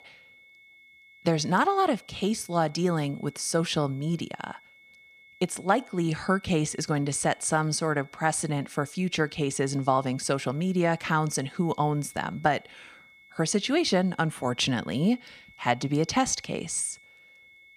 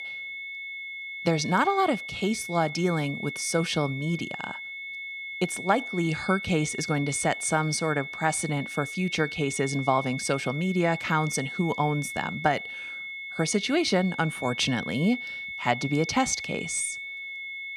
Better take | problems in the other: first | high-pitched whine; loud; throughout; 2 kHz, 8 dB below the speech; faint in the first

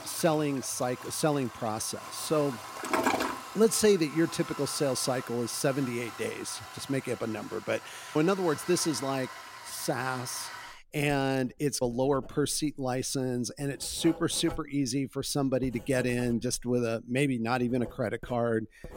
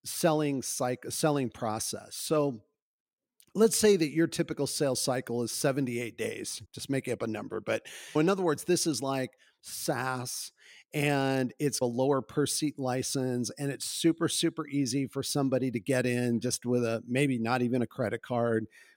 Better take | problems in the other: second | household noises; noticeable; throughout; 10 dB below the speech

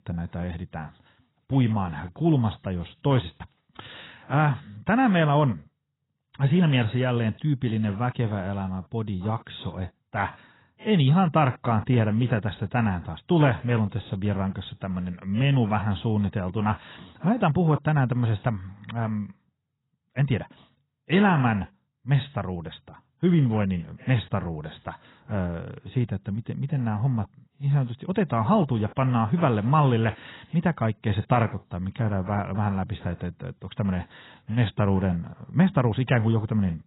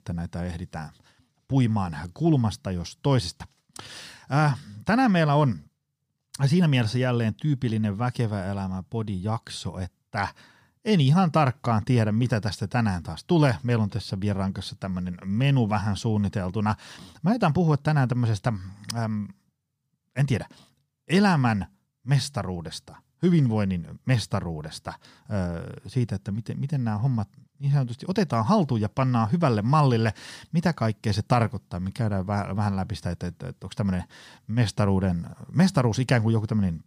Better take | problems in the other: second | garbled, watery; badly; nothing above 4 kHz

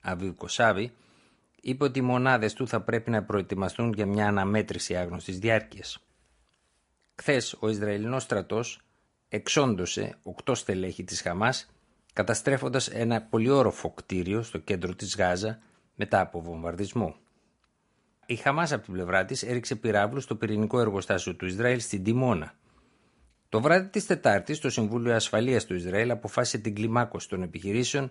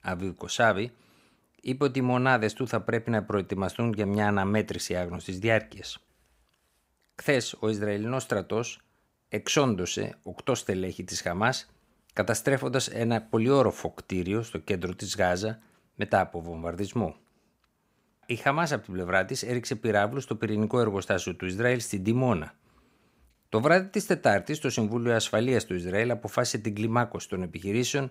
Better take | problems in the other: second | garbled, watery; slightly; nothing above 10.5 kHz

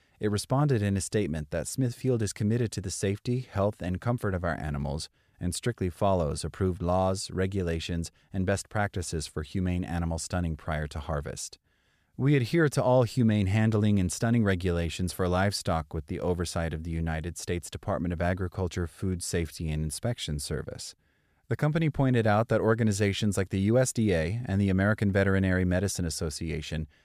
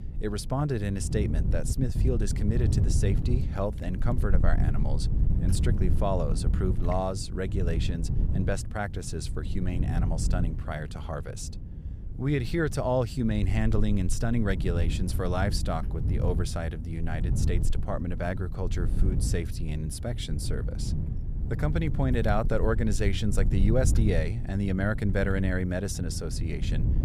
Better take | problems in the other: first | wind noise on the microphone; occasional gusts; 10 dB below the speech

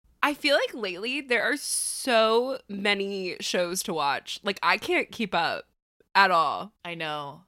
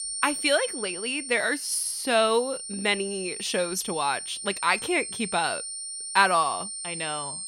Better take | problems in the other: first | high-pitched whine; loud; throughout; 9 kHz, 7 dB below the speech

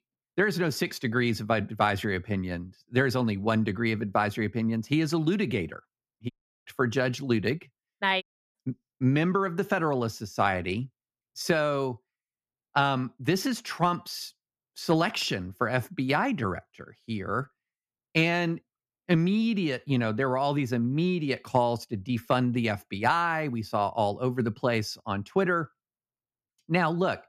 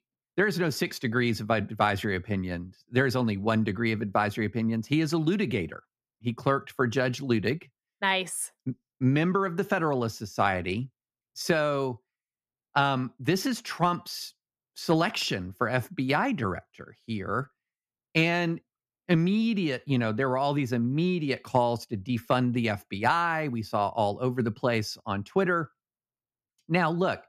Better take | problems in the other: second | audio cutting out; at 6.5 s and at 8 s

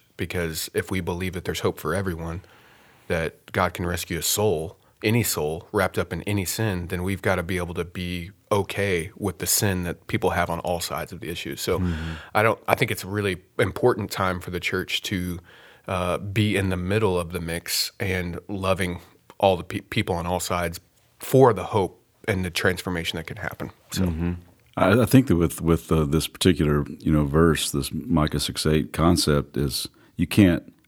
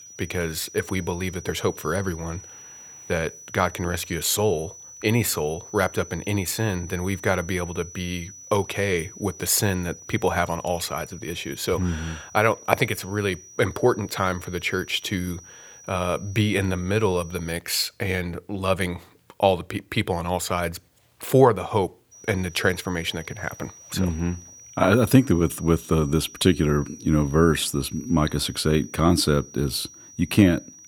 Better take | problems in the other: first | high-pitched whine; noticeable; until 18 s and from 22 s on; 6 kHz, 20 dB below the speech

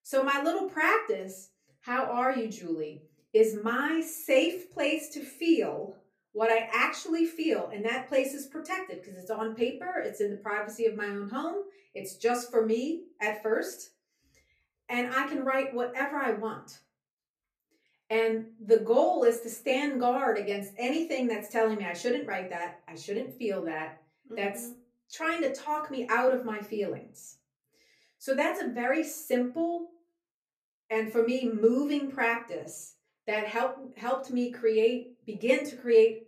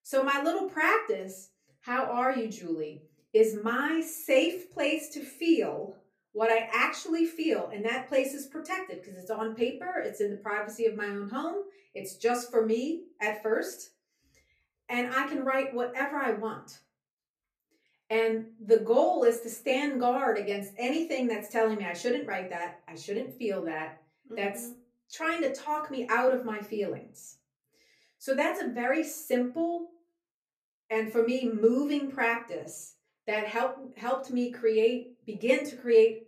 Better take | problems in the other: neither | off-mic speech; far; the same in both // room echo; very slight; dies away in 0.3 s; the same in both

